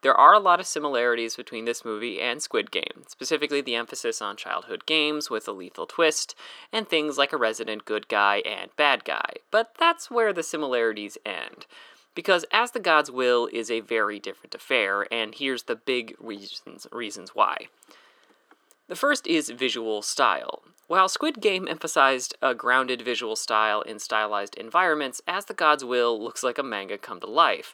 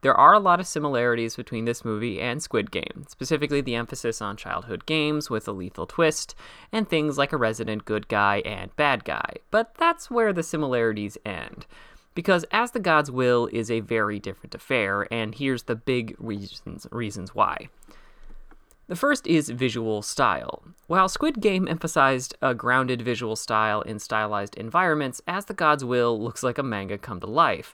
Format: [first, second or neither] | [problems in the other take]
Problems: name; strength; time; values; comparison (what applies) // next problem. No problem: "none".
second | thin; somewhat; fading below 300 Hz